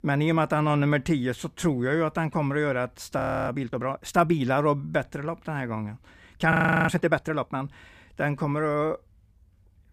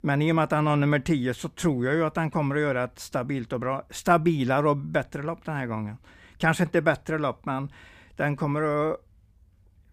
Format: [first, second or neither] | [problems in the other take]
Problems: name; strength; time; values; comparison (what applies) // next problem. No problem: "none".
second | audio freezing; at 3 s and at 6.5 s